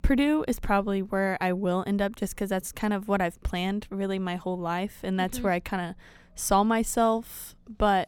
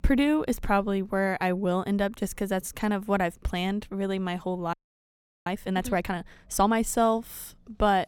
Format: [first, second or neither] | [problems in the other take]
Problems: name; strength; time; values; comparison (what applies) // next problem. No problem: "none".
first | audio freezing; at 4.5 s for 0.5 s